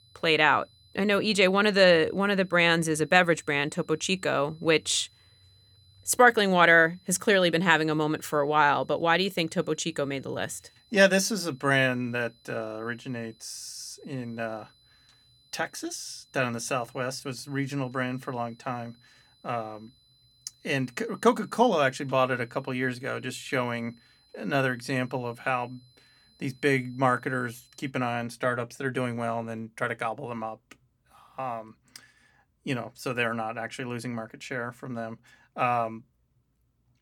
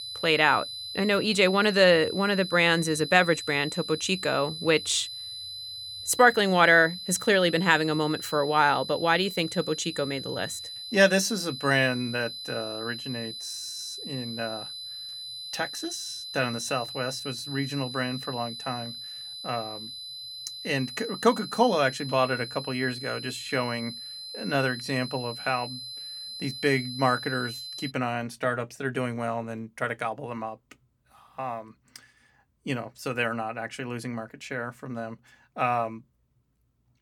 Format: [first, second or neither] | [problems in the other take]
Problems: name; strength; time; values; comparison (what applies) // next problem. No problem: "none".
first | high-pitched whine; loud; until 28 s; 4 kHz, 9 dB below the speech; faint in the first